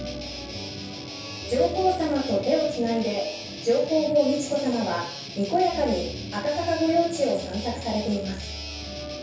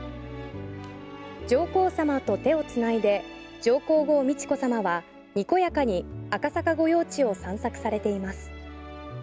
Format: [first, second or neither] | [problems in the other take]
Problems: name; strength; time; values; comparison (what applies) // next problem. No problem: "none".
second | background sound (Guitar); 12 dB below the speech // room echo; dies away in 0.7 s